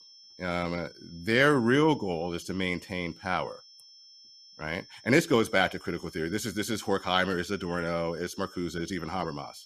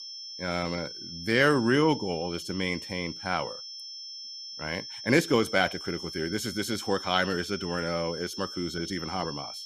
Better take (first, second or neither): first